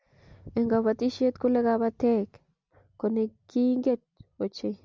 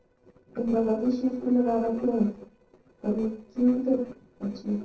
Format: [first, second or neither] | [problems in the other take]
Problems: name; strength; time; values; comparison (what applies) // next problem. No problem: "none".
first | noise reduction (neural separator model SepFormer DNS4)